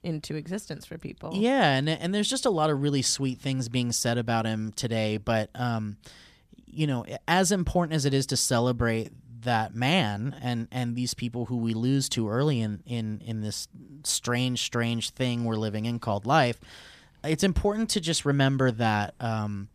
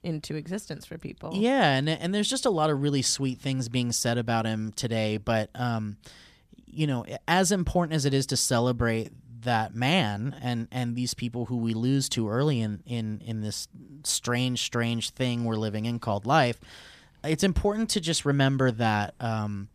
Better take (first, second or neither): neither